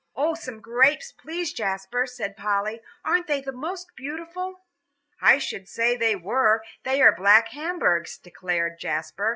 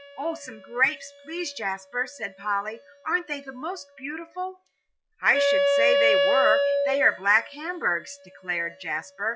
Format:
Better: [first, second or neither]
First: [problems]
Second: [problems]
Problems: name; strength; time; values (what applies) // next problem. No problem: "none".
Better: first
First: none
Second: noise reduction (classical method log-MMSE)